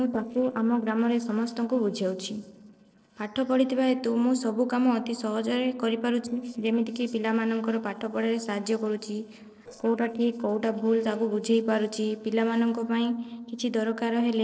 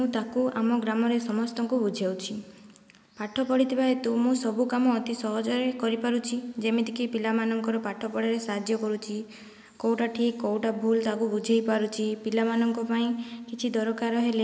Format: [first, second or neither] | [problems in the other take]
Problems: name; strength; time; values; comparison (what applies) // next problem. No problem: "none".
second | noise reduction (neural separator model SepFormer DNS4)